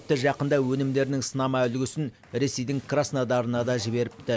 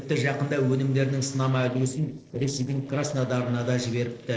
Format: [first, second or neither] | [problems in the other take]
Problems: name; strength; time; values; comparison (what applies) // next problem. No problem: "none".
first | noise reduction (neural separator model SepFormer DNS4)